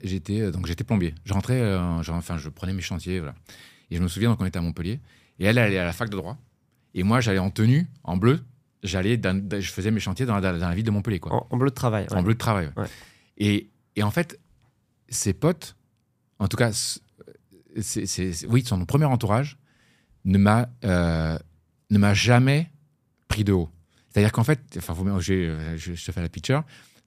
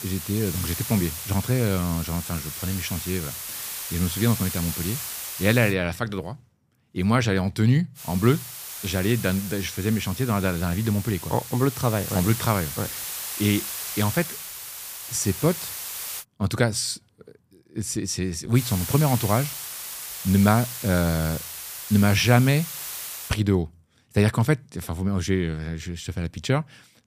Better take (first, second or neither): first